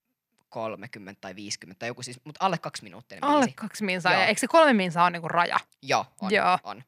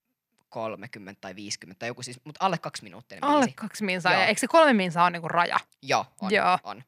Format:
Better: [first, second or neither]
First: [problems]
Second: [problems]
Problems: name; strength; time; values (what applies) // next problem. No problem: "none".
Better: neither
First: none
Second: none